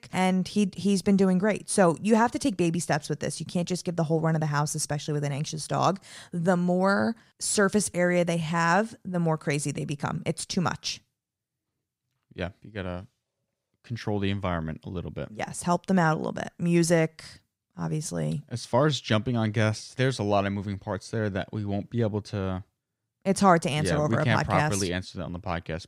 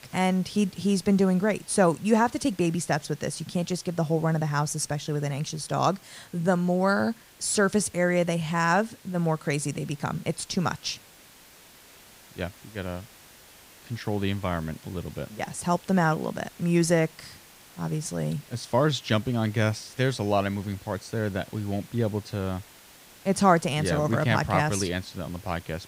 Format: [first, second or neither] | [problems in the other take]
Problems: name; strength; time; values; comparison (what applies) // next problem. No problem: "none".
first | hiss; faint; throughout; 25 dB below the speech